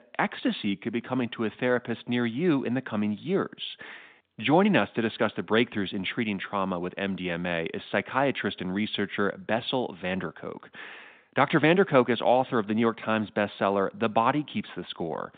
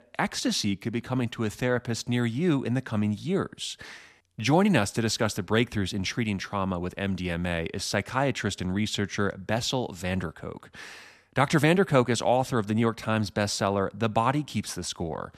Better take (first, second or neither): second